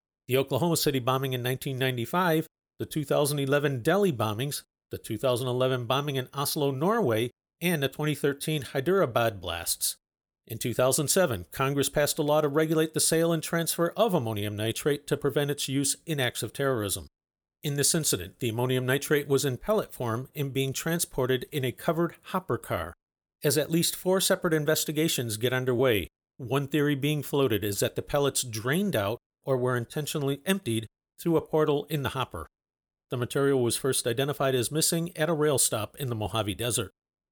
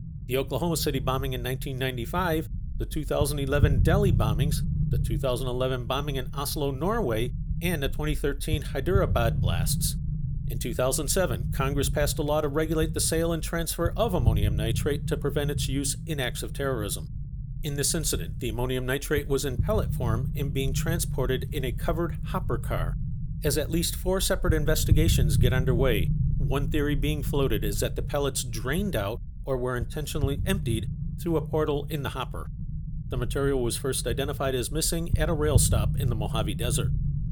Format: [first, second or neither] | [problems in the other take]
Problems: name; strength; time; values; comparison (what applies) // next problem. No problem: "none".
first | low rumble; noticeable; throughout; 15 dB below the speech